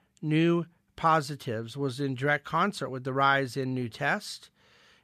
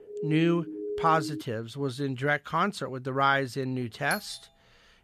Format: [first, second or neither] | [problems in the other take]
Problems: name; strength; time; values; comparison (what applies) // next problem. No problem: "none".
first | siren; noticeable; until 1.5 s; peak 5 dB below the speech // doorbell; faint; at 4 s; peak 10 dB below the speech